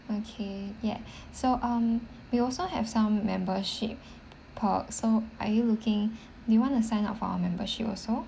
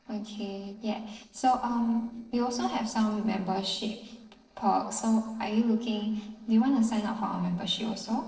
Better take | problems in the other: first | noise reduction (neural separator model SepFormer DNS4)

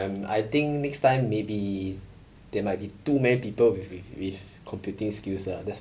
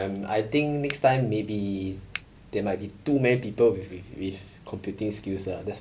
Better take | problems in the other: first | background sound (Finger snapping); 12 dB below the speech

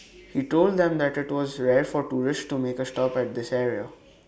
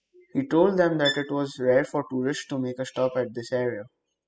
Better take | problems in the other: first | noise reduction (classical method spectral subtraction)

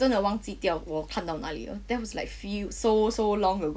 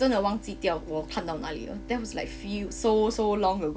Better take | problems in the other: first | background sound (Bowed string instrument); 18 dB below the speech

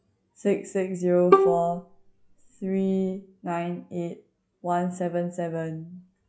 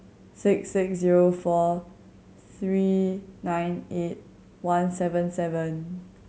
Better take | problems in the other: second | noise reduction (classical method log-MMSE)

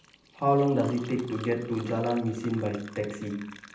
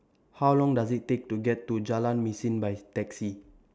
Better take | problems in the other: second | background sound (Fill (with liquid)); 19 dB below the speech // room echo; dies away in 0.6 s

